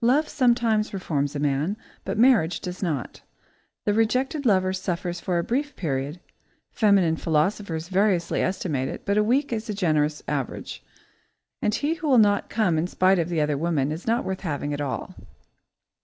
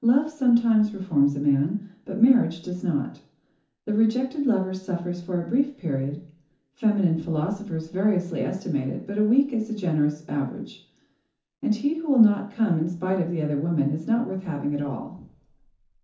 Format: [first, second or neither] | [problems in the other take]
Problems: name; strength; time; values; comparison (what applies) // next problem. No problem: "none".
first | room echo; dies away in 0.9 s